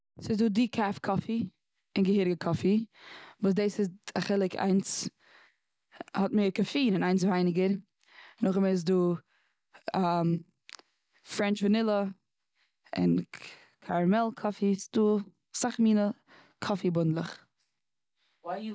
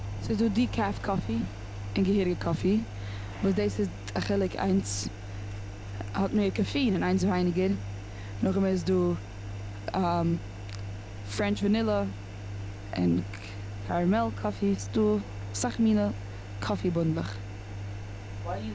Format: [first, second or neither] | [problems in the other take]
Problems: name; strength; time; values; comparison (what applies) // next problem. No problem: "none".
first | background sound (Engine); 8 dB below the speech